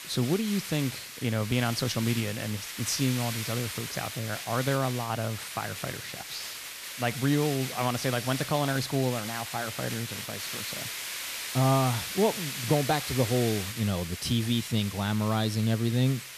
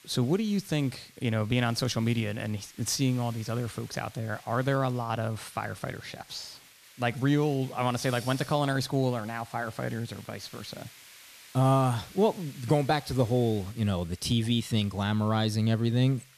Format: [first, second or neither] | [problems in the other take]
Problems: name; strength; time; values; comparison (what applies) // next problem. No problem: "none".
second | hiss; loud; throughout; 6 dB below the speech; faint in the second